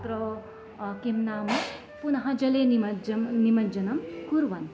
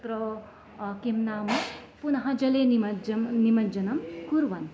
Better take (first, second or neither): second